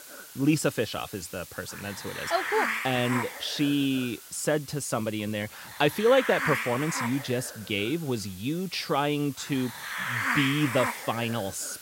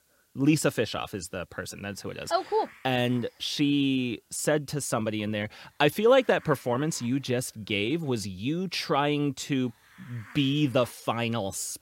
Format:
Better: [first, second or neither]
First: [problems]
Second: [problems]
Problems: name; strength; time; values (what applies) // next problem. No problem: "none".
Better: second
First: hiss; loud; throughout; 5 dB below the speech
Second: hiss; faint; throughout; 25 dB below the speech